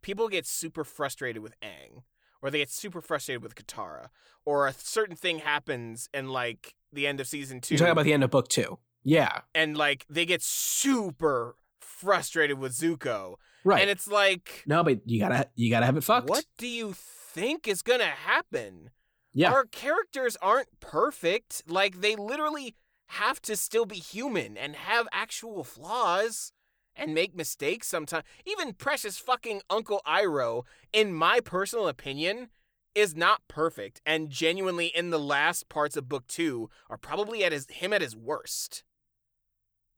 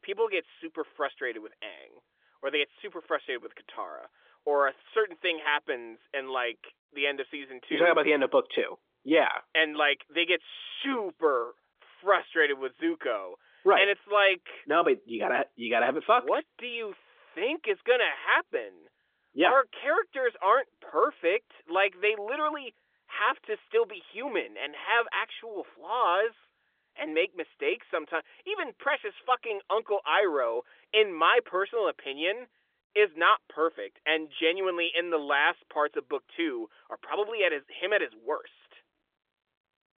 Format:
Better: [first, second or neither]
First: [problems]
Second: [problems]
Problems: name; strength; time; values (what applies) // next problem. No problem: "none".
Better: first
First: none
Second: phone-call audio; nothing above 3.5 kHz